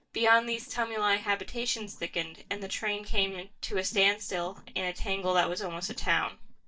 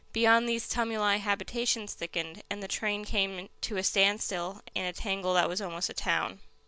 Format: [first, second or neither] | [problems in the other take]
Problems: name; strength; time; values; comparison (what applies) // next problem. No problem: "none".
second | noise reduction (neural mask model DeepFilterNet 3)